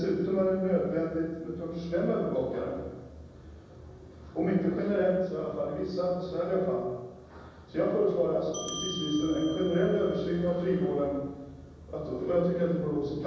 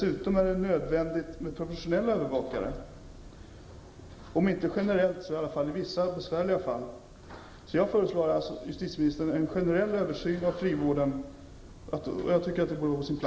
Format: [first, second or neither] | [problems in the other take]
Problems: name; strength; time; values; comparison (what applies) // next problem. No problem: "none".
second | background sound (Bell); 12 dB below the speech // room echo; dies away in 1.1 s